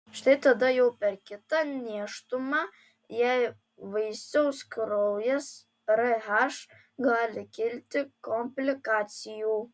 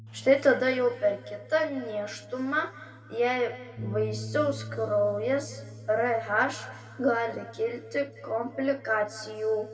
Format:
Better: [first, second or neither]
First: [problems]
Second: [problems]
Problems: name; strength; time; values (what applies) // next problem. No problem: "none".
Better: first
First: none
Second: background sound (Bass guitar); 14 dB below the speech // room echo; dies away in 1.7 s